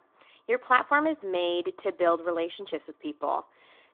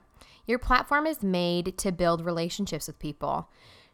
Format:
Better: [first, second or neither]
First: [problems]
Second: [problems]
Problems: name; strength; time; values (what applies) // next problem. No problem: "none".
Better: second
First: phone-call audio; nothing above 3.5 kHz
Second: none